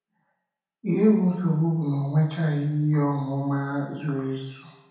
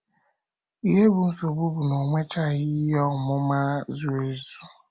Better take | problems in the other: second | room echo; dies away in 0.9 s

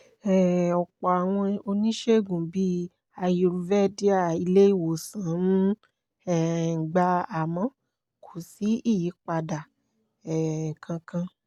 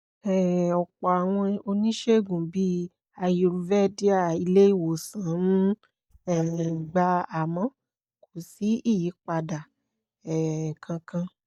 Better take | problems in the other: first | noise reduction (neural mask model DeepFilterNet 3)

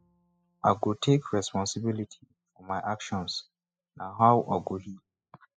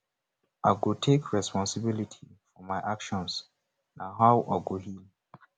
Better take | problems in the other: second | noise reduction (classical method spectral subtraction)

